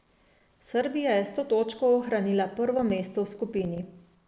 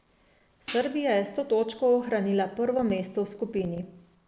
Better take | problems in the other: first | background sound (Hi-hat); 16 dB below the speech

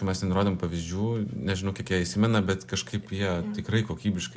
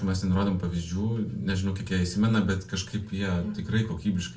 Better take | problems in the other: first | room echo; dies away in 0.2 s

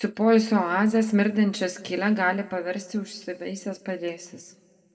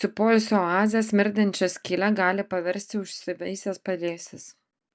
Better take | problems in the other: second | room echo; dies away in 1 s

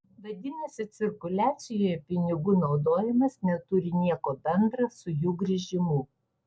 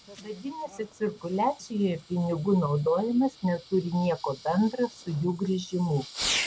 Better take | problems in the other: first | background sound (Fireworks); 12 dB below the speech

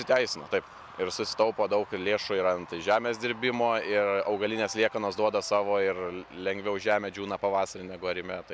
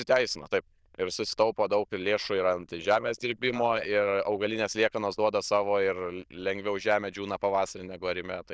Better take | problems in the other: first | noise reduction (neural diffusion model UNIVERSE++)

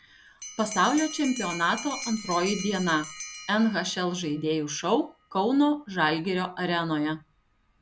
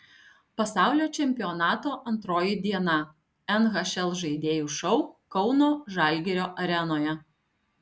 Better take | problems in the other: second | background sound (Bell); 15 dB below the speech

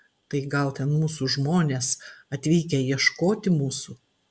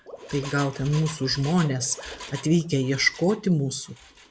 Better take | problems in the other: first | background sound (Engine + Water / Liquid); 16 dB below the speech

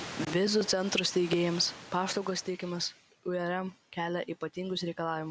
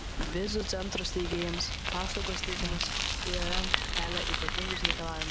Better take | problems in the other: first | background sound (Bicycle); 4 dB above the speech

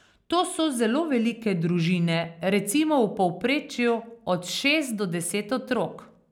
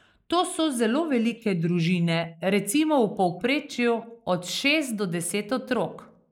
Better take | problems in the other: first | noise reduction (neural mask model Resemble Enhance denoiser)

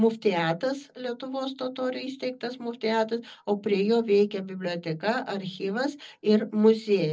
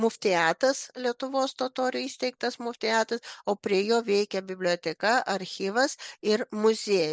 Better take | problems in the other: second | room echo; dies away in 0.4 s

